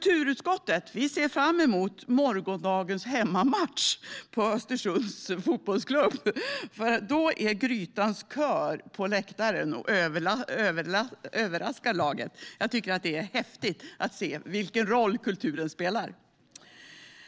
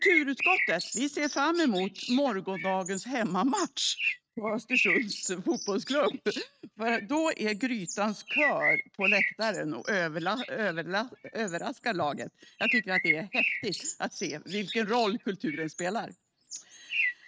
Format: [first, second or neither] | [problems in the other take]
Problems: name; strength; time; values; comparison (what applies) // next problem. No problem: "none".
first | noise reduction (neural mask model RNNoise)